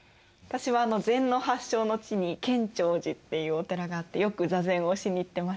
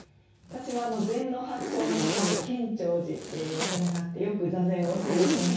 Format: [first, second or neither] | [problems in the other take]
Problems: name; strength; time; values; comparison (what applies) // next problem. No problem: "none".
first | background sound (Zipper (clothing)); 3 dB below the speech // room echo; dies away in 0.6 s